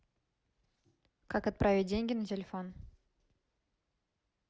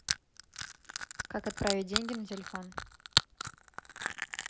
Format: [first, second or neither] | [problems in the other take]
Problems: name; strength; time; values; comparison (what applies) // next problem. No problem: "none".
first | background sound (Crushing); 3 dB above the speech